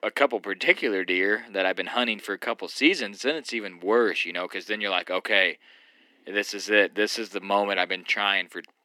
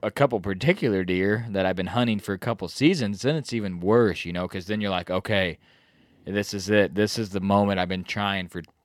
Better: second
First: thin; somewhat; fading below 250 Hz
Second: none

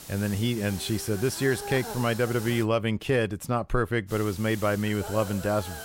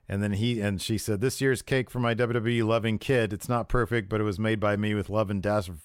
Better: second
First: hiss; noticeable; until 2.5 s and from 4 s on; 10 dB below the speech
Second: none

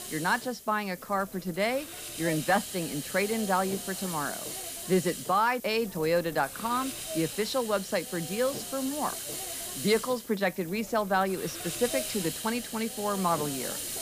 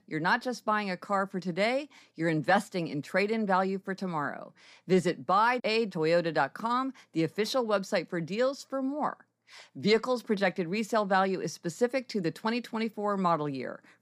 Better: second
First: hiss; loud; throughout; 7 dB below the speech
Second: none

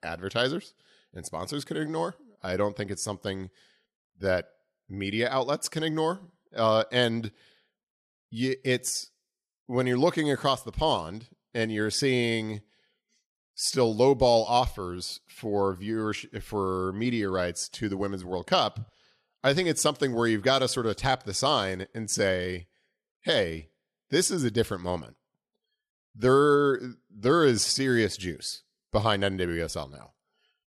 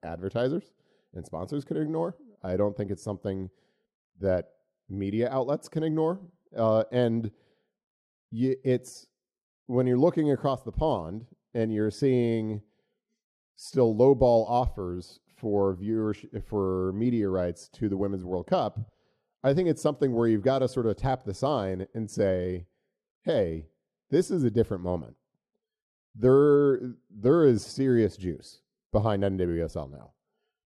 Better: first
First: none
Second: muffled; slightly; fading above 1 kHz

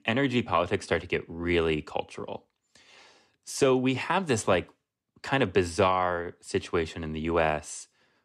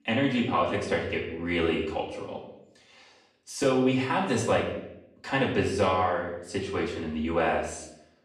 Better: first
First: none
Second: off-mic speech; far // room echo; noticeable; dies away in 0.7 s

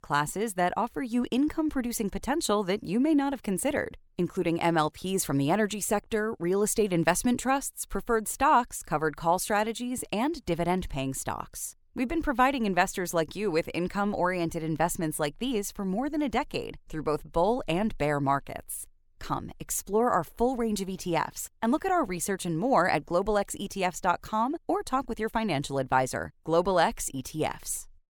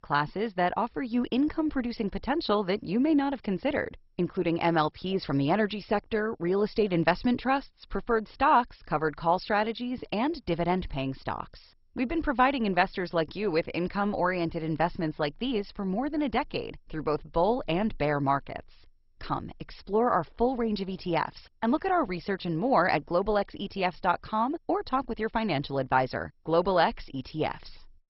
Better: first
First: none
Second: garbled, watery; badly; nothing above 5.5 kHz

